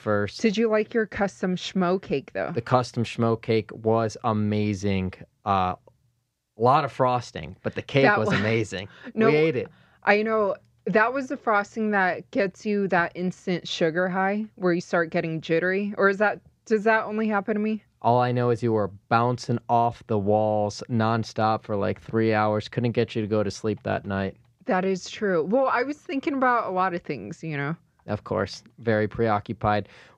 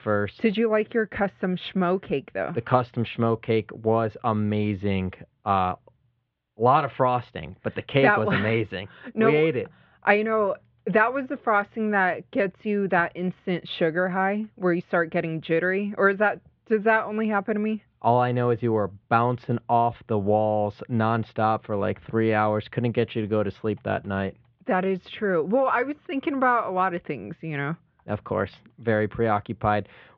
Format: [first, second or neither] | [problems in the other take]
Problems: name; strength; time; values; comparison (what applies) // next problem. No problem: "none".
first | muffled; very; fading above 3.5 kHz